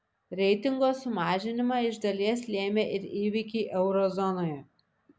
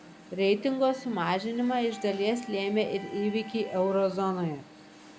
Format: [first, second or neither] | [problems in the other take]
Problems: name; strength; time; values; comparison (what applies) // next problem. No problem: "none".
first | background sound (Wind instrument, woodwind instrument + Alarm); 18 dB below the speech